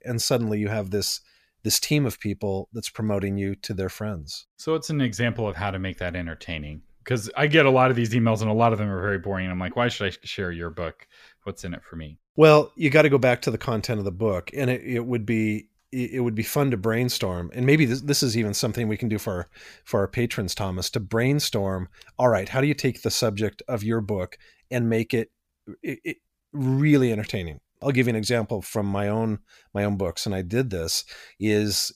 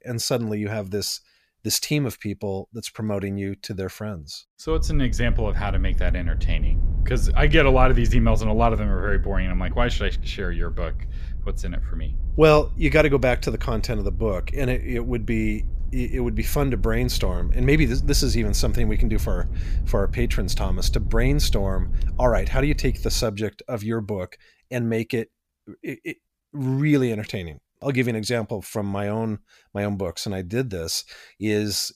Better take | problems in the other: first | low rumble; faint; from 4.5 to 23 s; 20 dB below the speech

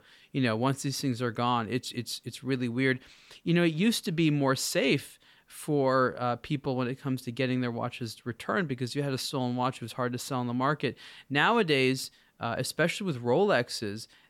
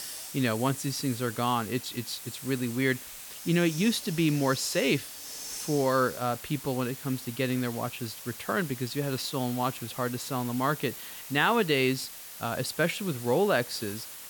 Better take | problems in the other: first | hiss; noticeable; throughout; 10 dB below the speech

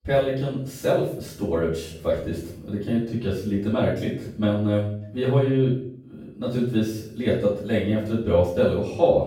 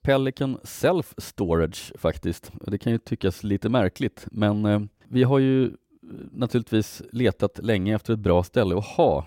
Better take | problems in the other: second | off-mic speech; far // room echo; noticeable; dies away in 0.5 s

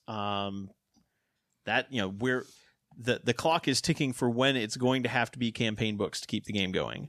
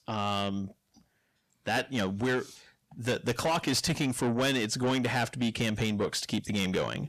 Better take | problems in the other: first | distortion; heavy; 7 dB below the speech

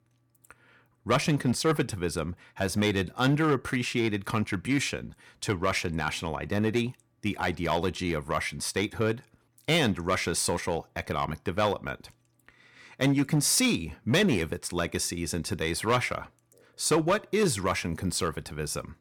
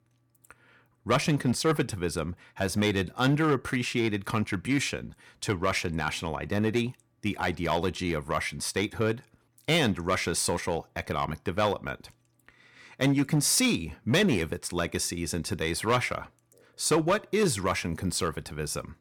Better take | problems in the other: neither | distortion; slight; 3% of the sound clipped; the same in both

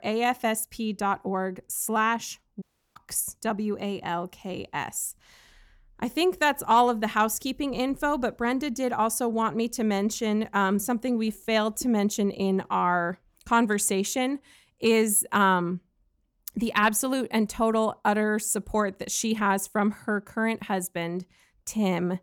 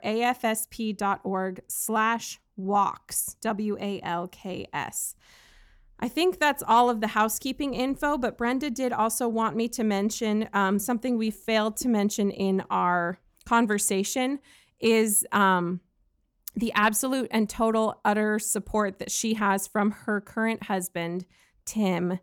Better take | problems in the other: second | audio cutting out; at 2.5 s

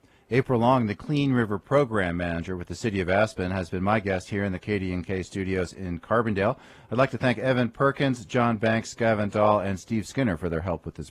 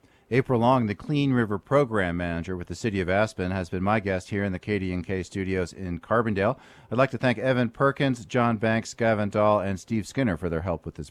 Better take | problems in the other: second | garbled, watery; slightly; nothing above 13.5 kHz

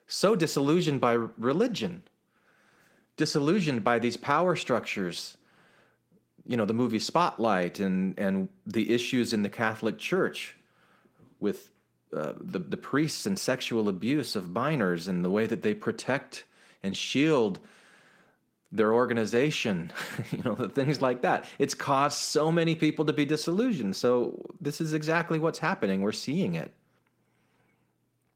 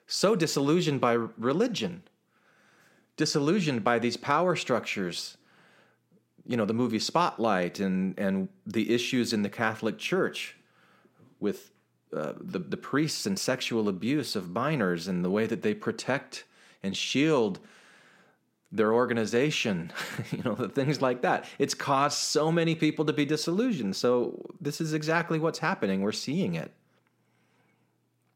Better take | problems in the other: second | garbled, watery; slightly; nothing above 16 kHz

